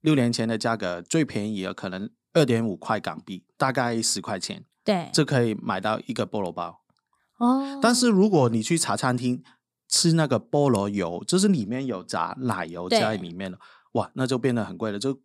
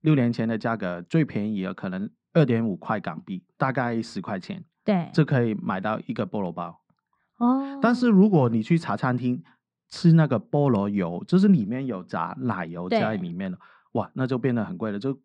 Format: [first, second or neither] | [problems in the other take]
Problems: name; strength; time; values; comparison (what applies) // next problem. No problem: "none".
first | muffled; slightly; fading above 2 kHz